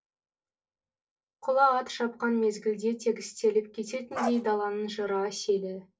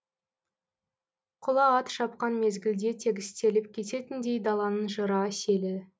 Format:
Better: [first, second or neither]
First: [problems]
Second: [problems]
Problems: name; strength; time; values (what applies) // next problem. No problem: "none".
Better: second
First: noise reduction (neural separator model SepFormer DNS4)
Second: none